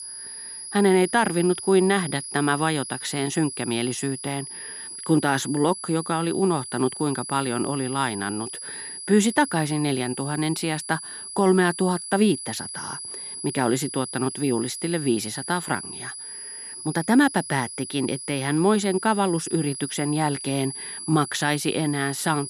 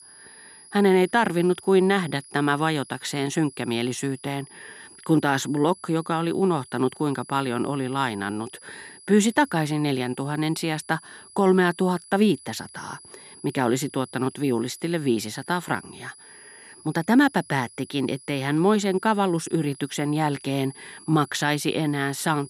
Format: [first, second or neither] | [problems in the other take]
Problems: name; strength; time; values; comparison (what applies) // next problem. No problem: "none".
second | high-pitched whine; loud; throughout; 10.5 kHz, 9 dB below the speech; faint in the second